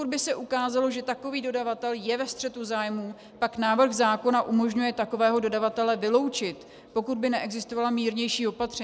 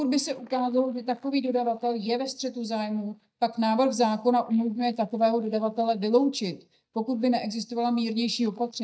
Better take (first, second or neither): first